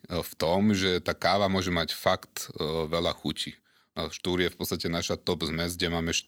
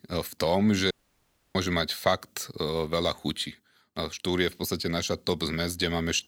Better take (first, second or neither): first